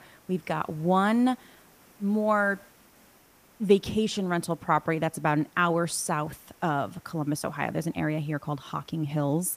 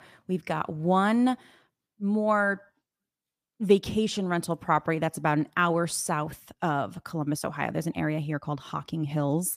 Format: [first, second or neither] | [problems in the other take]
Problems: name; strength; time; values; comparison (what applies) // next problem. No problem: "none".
second | hiss; faint; throughout; 30 dB below the speech